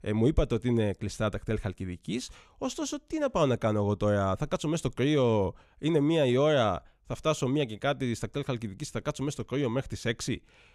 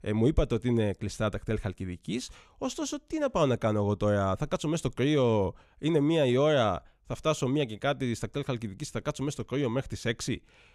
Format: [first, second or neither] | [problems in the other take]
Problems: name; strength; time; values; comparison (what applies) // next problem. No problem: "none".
neither | none